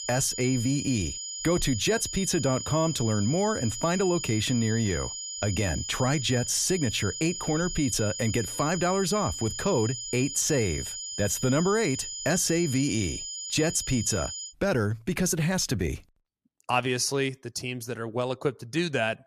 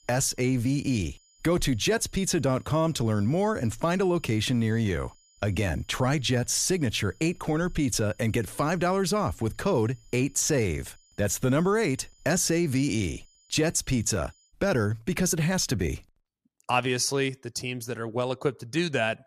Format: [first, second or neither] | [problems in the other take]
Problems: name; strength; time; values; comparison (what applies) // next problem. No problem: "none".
second | high-pitched whine; loud; until 14 s; 7 kHz, 6 dB below the speech; faint in the second